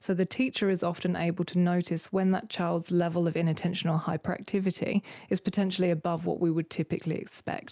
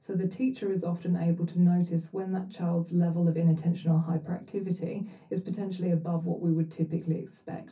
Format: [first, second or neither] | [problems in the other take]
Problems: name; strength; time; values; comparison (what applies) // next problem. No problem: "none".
first | room echo; dies away in 0.3 s